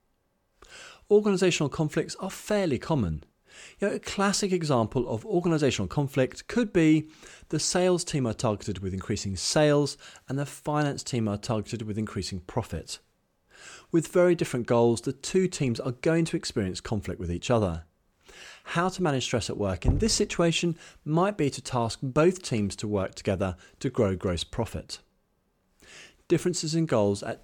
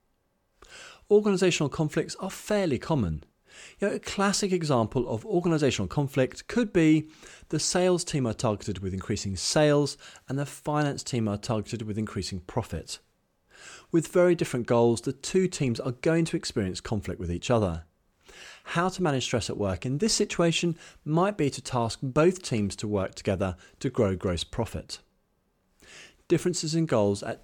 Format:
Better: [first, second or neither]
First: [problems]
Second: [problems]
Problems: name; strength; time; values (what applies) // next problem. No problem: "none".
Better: second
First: door banging; noticeable; at 20 s; peak 3 dB below the speech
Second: none